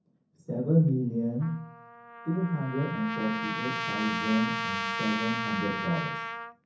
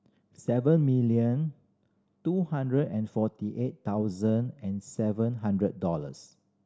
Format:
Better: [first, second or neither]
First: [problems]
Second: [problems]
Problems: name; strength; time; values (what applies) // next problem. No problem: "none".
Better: second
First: background sound (Trumpet); 5 dB below the speech // room echo; dies away in 0.6 s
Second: none